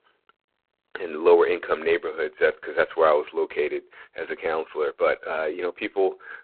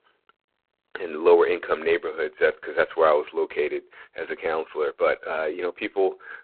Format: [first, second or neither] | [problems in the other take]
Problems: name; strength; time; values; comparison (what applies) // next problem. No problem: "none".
neither | phone-call audio; poor line; nothing above 4 kHz; the same in both